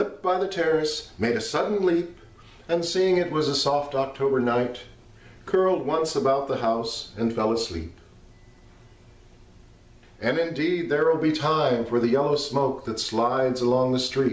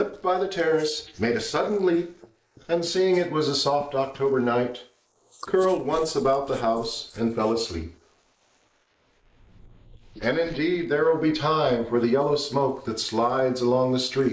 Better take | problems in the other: first | noise reduction (neural mask model Resemble Enhance denoiser)

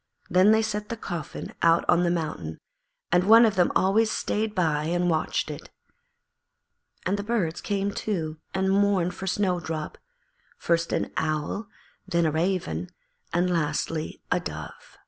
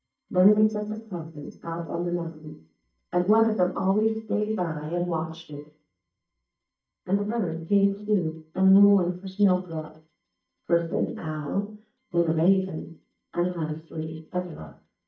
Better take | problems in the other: first | noise reduction (neural mask model DeepFilterNet 3)

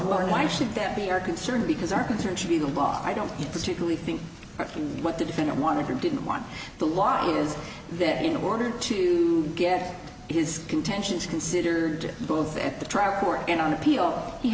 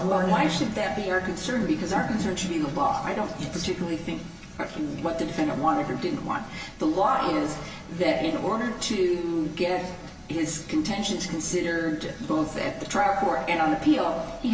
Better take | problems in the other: first | room echo; dies away in 0.2 s

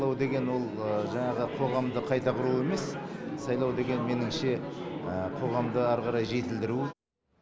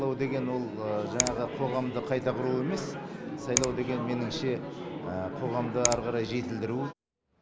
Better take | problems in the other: first | background sound (Finger snapping); 5 dB below the speech

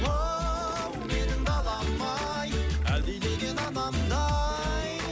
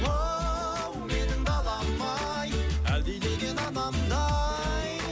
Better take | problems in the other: second | background sound (Gurgling); 19 dB below the speech

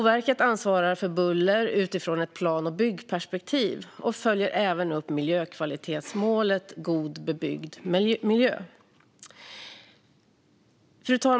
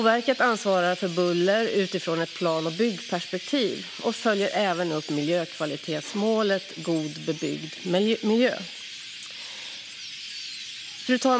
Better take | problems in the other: first | background sound (Chirp, tweet); 13 dB below the speech

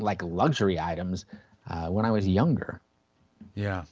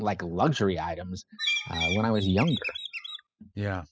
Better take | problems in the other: first | noise reduction (classical method spectral subtraction)

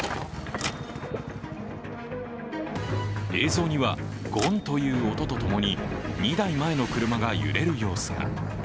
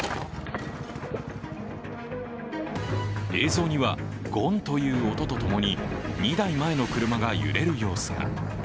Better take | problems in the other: second | background sound (Typewriter); 16 dB below the speech

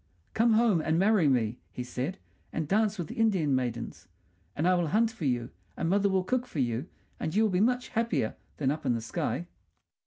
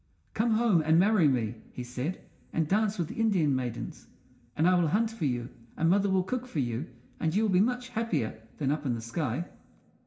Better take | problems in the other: first | room echo; dies away in 0.9 s

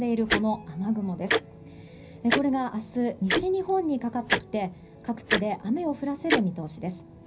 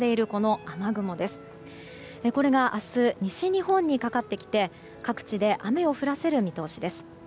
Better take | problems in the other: second | background sound (Tick-tock); 4 dB below the speech // room echo; dies away in 0.4 s

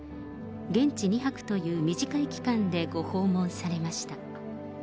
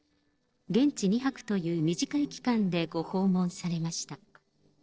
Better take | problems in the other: first | noise reduction (neural separator model SepFormer DNS4)

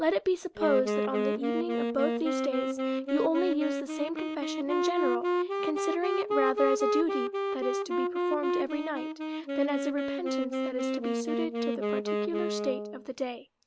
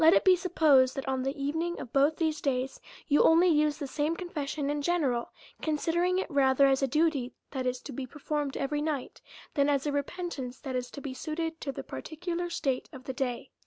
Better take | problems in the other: second | background sound (Wind instrument, woodwind instrument); 1 dB above the speech

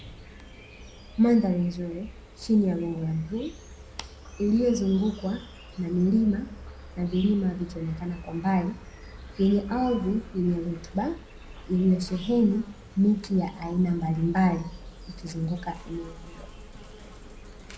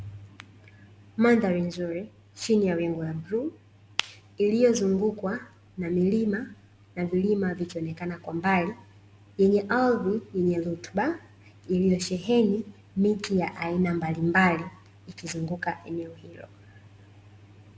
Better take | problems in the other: second | background sound (Insect); 16 dB below the speech // room echo; dies away in 0.2 s

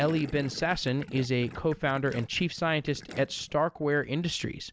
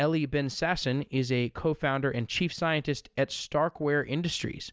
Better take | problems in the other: second | background sound (Gurgling); 17 dB below the speech

